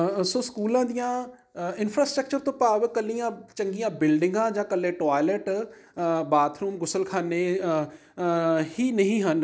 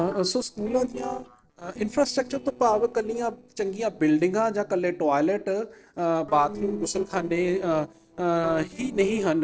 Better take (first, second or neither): first